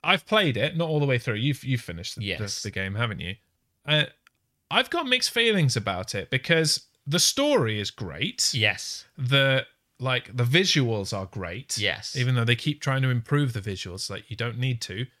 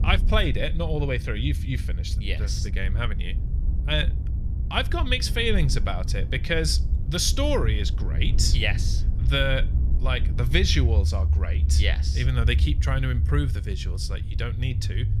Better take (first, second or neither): first